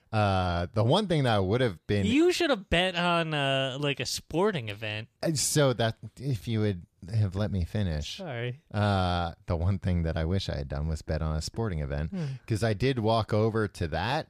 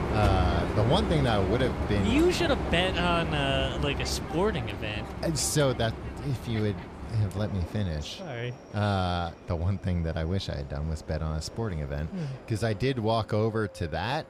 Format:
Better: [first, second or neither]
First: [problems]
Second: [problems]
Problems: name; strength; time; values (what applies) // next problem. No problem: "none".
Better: first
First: none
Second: train or aircraft noise; loud; throughout; 4 dB below the speech